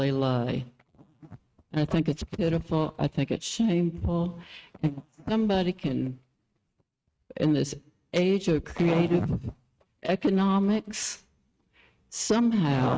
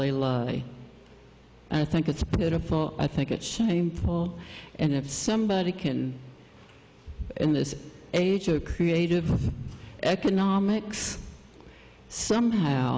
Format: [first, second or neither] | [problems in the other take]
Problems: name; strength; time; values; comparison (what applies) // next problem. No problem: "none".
second | noise reduction (neural mask model RNNoise)